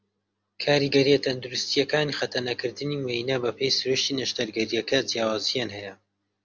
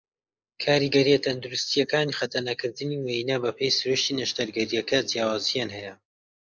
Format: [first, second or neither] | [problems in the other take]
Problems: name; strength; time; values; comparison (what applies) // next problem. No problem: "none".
first | noise reduction (neural mask model Resemble Enhance denoiser)